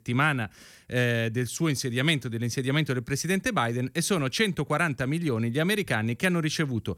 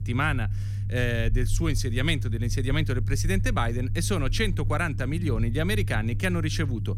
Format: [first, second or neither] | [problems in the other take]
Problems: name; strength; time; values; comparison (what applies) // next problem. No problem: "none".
first | low rumble; noticeable; throughout; 15 dB below the speech